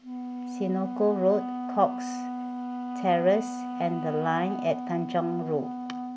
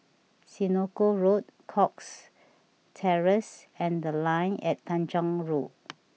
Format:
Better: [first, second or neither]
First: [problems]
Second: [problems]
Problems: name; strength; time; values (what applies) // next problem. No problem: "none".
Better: second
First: background sound (Wind instrument, woodwind instrument); 5 dB below the speech // room echo; dies away in 0.4 s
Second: none